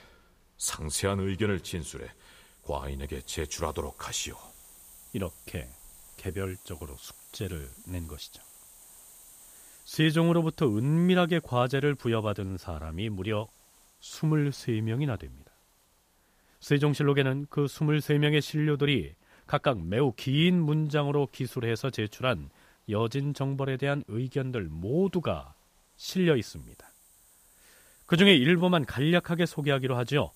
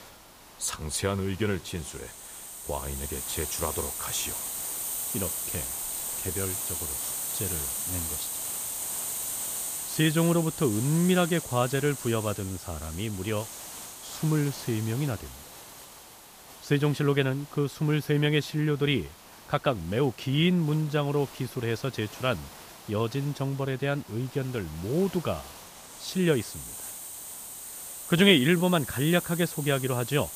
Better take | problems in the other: first | hiss; loud; throughout; 6 dB below the speech; faint in the first

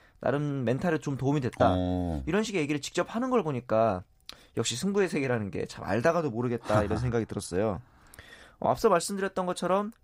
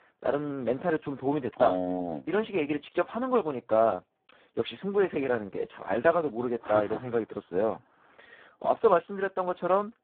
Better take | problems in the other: first | phone-call audio; poor line

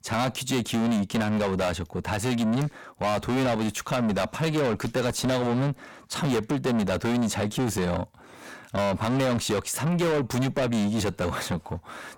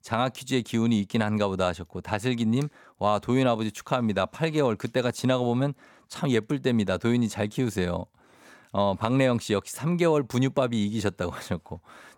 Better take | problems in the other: second | distortion; heavy; 6 dB below the speech

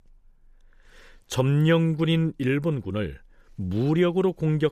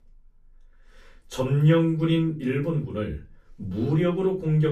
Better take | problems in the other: first | off-mic speech; far // room echo; very slight; dies away in 0.3 s

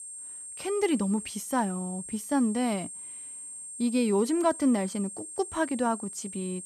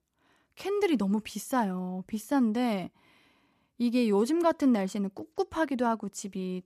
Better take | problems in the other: second | high-pitched whine; loud; throughout; 8.5 kHz, 9 dB below the speech

